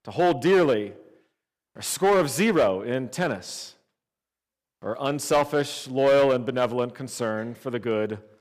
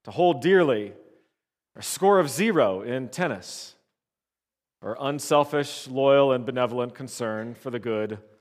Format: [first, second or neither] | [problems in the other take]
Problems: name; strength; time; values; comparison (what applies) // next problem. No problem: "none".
second | distortion; slight; 4% of the sound clipped